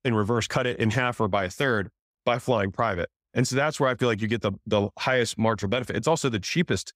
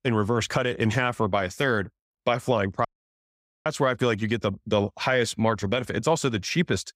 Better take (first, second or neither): first